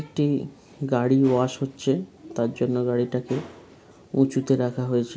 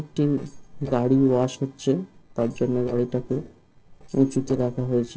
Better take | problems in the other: first | noise reduction (neural separator model SepFormer DNS4)

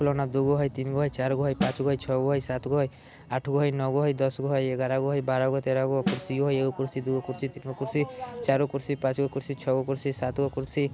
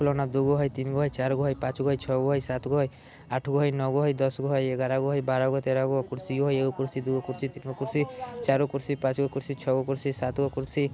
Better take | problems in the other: second | background sound (Snare drum); 11 dB below the speech

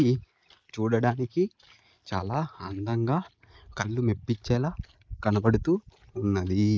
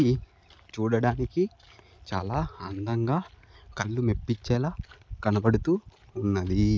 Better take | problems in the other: second | noise reduction (neural mask model Resemble Enhance denoiser)

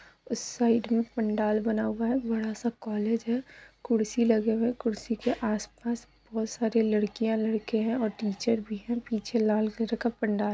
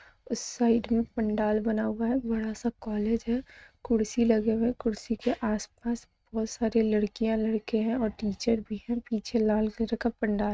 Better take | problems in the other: first | noise reduction (neural mask model RNNoise)

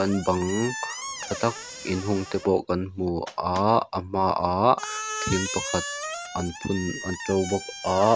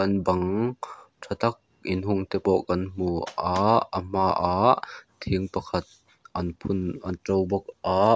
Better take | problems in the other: second | background sound (Squeak); 10 dB below the speech

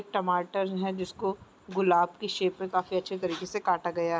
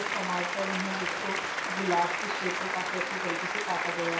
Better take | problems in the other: first | background sound (Applause); 2 dB above the speech // room echo; dies away in 0.6 s

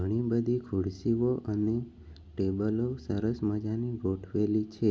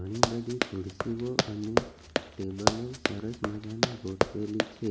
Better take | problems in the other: first | background sound (Run); 4 dB above the speech

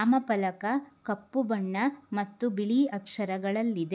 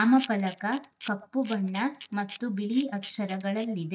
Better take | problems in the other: first | noise reduction (neural mask model DeepFilterNet 3)

